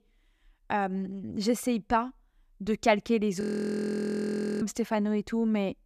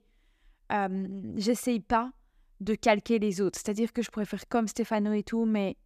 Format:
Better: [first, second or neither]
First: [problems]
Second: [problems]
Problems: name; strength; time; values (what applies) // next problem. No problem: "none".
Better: second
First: audio freezing; at 3.5 s for 1 s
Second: none